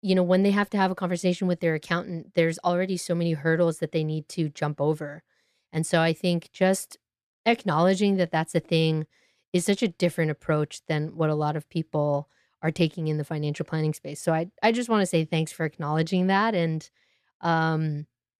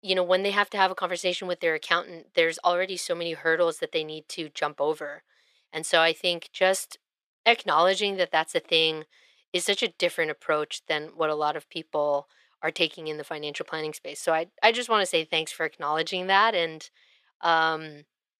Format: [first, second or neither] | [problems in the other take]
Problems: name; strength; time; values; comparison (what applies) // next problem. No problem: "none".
first | thin; very; fading below 550 Hz